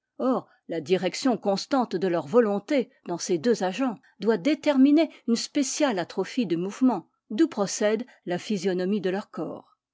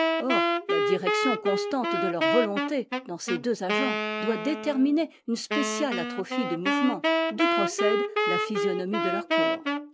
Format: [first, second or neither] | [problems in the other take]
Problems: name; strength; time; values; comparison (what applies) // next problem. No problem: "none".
first | background sound (Wind instrument, woodwind instrument); 2 dB above the speech